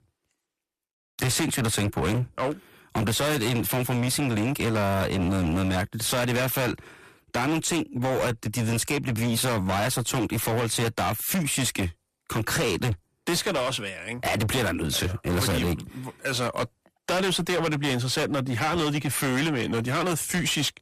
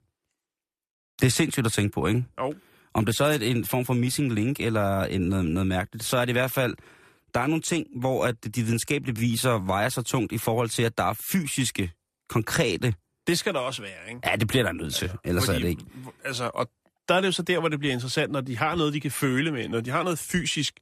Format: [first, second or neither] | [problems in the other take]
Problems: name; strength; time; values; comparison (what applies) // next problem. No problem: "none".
second | distortion; heavy; 25% of the sound clipped